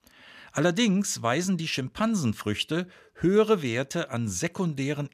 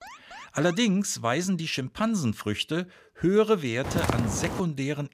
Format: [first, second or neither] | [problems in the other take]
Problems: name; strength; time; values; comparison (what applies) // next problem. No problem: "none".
first | alarm; faint; at the start; peak 20 dB below the speech // footsteps; noticeable; at 4 s; peak 1 dB below the speech